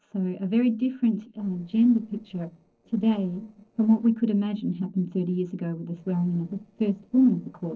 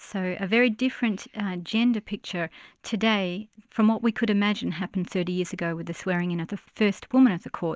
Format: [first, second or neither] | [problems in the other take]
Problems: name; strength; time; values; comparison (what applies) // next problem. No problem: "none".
second | noise reduction (neural separator model SepFormer DNS4)